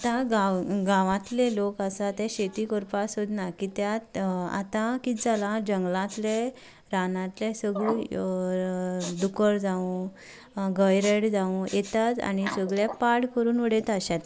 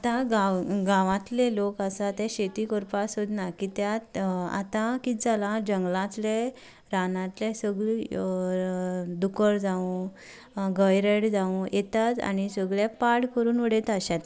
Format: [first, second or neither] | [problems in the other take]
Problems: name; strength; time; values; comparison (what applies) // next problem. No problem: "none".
second | background sound (Respiratory sounds); 18 dB below the speech